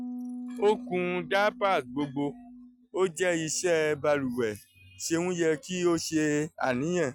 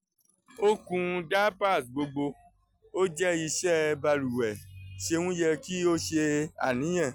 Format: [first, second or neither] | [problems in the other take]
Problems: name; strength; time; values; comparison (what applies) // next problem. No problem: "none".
second | noise reduction (neural mask model RNNoise)